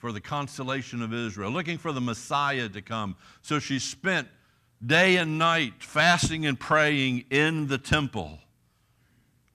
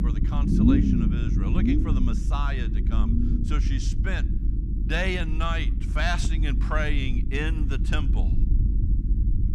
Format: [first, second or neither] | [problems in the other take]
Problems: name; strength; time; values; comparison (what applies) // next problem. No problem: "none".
first | low rumble; loud; throughout; 4 dB below the speech